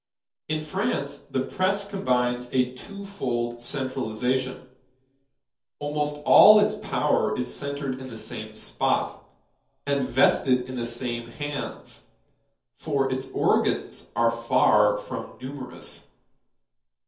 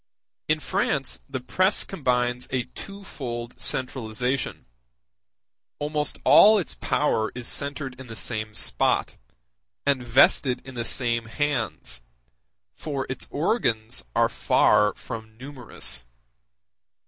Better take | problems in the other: second | room echo; dies away in 0.5 s

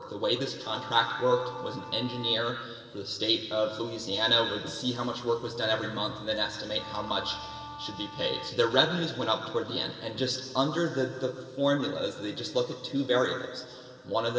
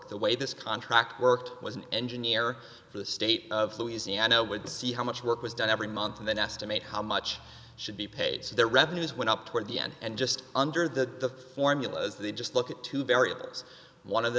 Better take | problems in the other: second | background sound (Bowed string instrument); 13 dB below the speech // room echo; dies away in 2.8 s

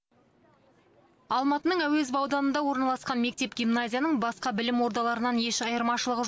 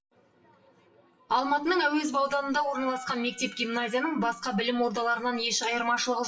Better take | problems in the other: first | noise reduction (classical method WPE with log-MMSE)

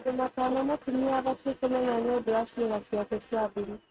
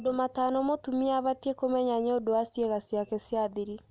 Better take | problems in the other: second | noise reduction (neural mask model RNNoise)

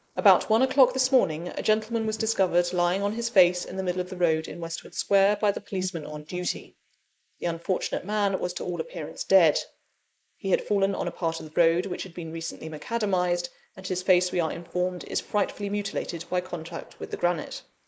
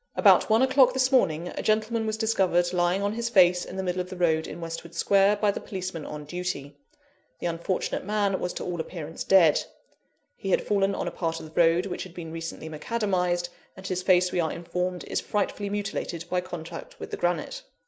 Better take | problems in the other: second | noise reduction (neural mask model Resemble Enhance denoiser)

